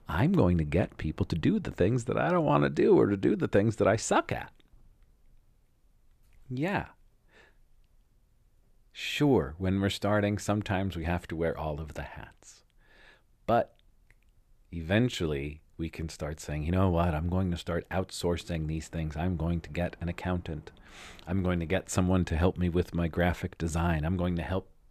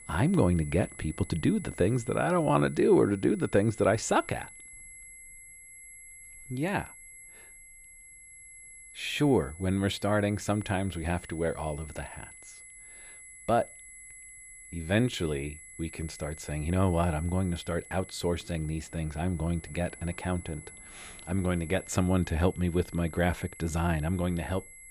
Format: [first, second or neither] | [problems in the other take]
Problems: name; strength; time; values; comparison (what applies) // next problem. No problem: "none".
first | high-pitched whine; noticeable; throughout; 11 kHz, 15 dB below the speech